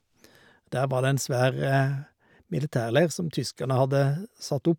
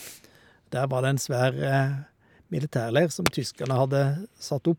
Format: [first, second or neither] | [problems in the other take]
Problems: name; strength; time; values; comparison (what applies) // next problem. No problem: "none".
first | background sound (Fireworks); 14 dB below the speech